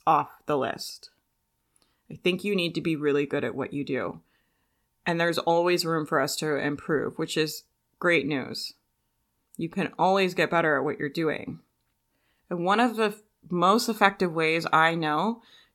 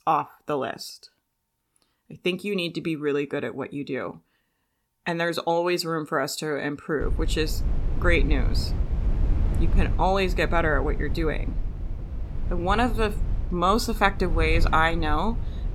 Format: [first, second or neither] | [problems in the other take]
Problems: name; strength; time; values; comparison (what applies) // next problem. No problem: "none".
first | low rumble; noticeable; from 7 s on; 15 dB below the speech